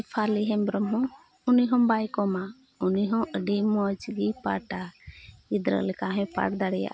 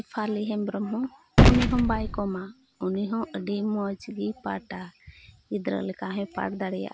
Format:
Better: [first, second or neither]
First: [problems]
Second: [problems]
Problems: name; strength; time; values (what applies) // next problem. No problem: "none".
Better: first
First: none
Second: background sound (Gunshot, gunfire); 4 dB above the speech